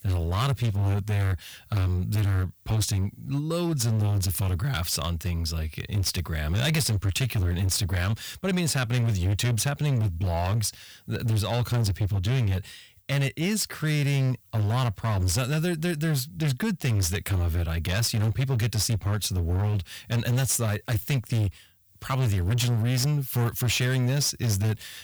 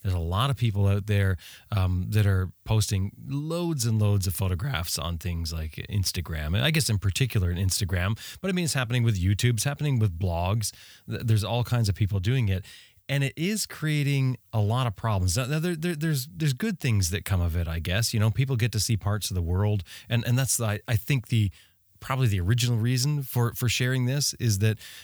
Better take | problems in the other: second | distortion; slight; 20% of the sound clipped

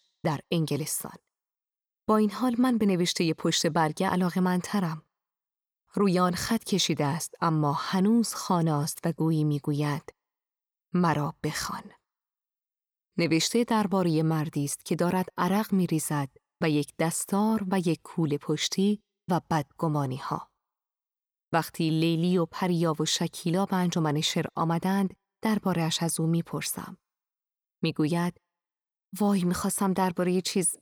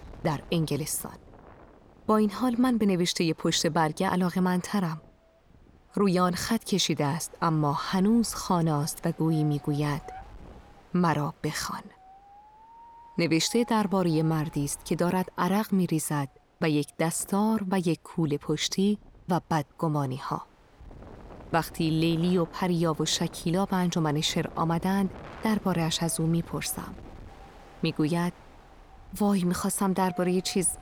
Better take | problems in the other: first | wind noise on the microphone; occasional gusts; 20 dB below the speech

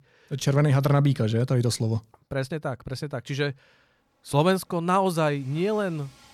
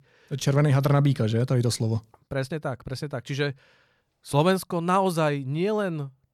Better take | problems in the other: second | rain or running water; faint; throughout; 30 dB below the speech

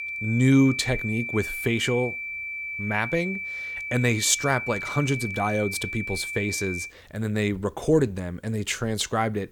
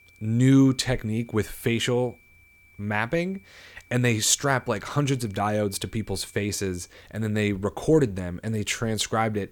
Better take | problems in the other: second | high-pitched whine; loud; until 7 s; 2.5 kHz, 5 dB below the speech; faint in the second

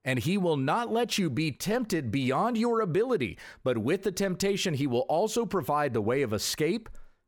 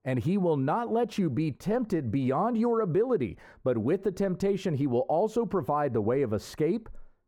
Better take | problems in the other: first | muffled; slightly; fading above 1.5 kHz

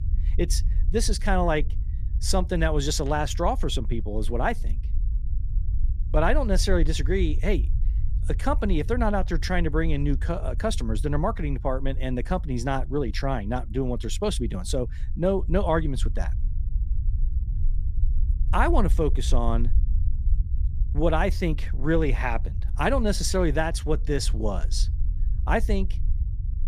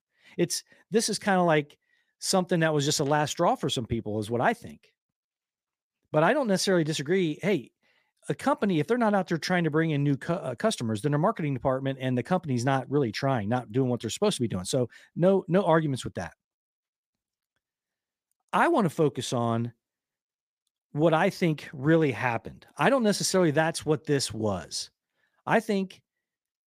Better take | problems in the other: second | low rumble; faint; throughout; 20 dB below the speech

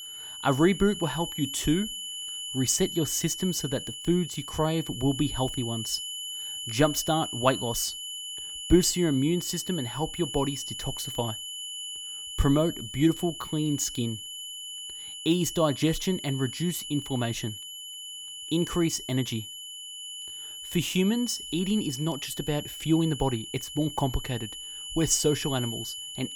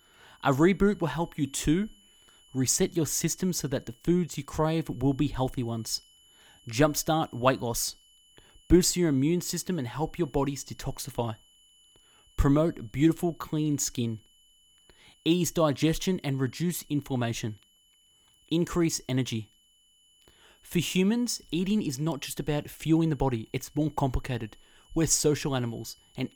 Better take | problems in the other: second | high-pitched whine; loud; throughout; 3 kHz, 8 dB below the speech; faint in the second

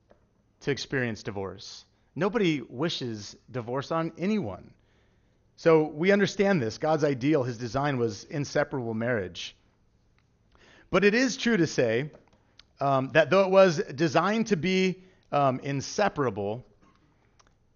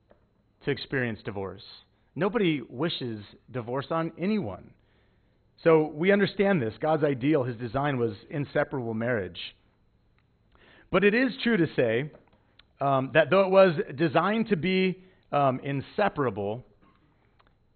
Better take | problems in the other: first | garbled, watery; badly; nothing above 4 kHz; slightly in the first

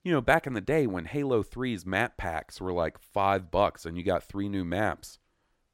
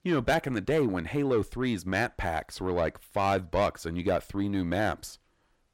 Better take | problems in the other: first | distortion; slight; 10 dB below the speech

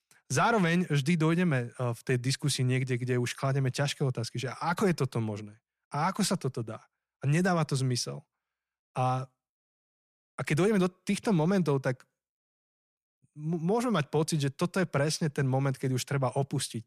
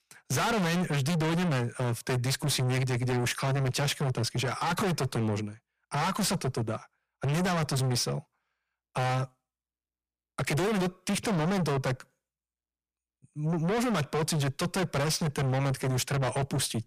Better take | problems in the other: first | distortion; heavy; 6 dB below the speech

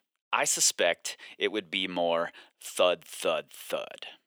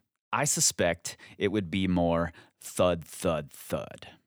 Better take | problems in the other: second | thin; somewhat; fading below 450 Hz

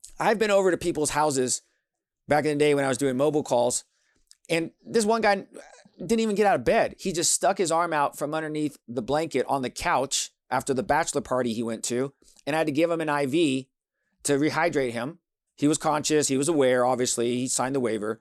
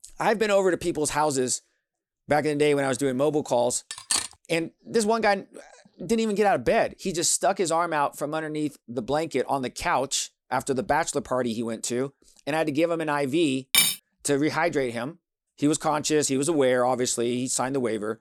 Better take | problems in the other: first | clattering dishes; noticeable; at 4 s; peak level with the speech // clattering dishes; loud; at 14 s; peak 5 dB above the speech

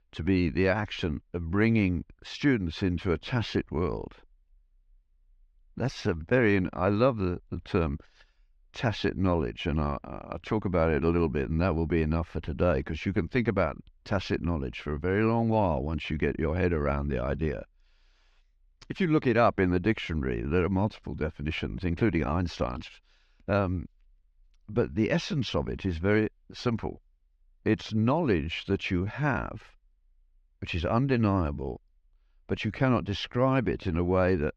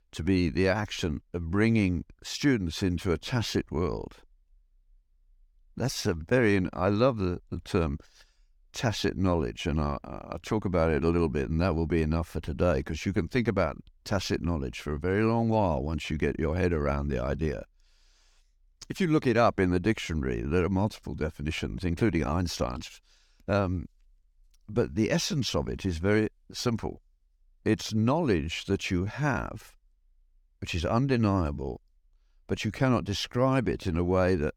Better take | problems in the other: second | muffled; slightly; fading above 3 kHz

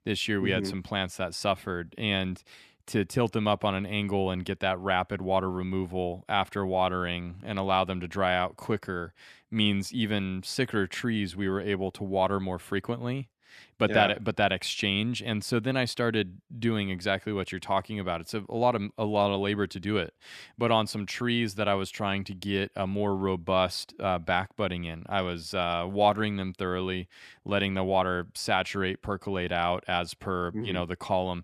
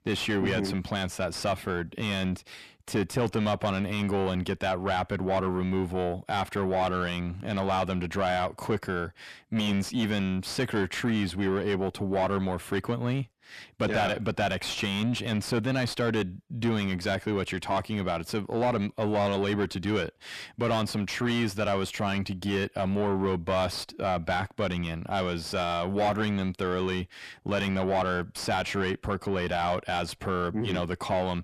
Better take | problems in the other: first | distortion; heavy; 7 dB below the speech

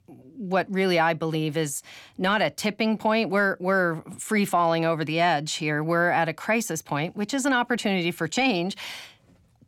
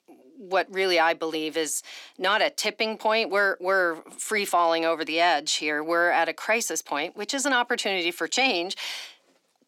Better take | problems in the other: first | thin; somewhat; fading below 300 Hz

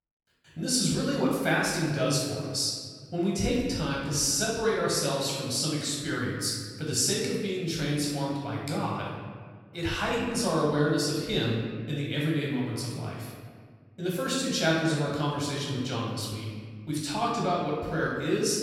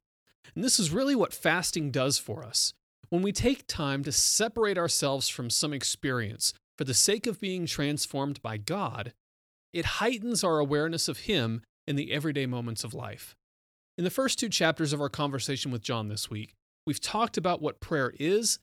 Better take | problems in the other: second | off-mic speech; far // room echo; noticeable; dies away in 1.5 s

